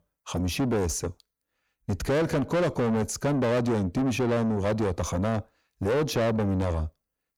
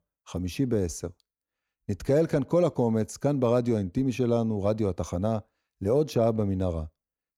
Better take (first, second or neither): second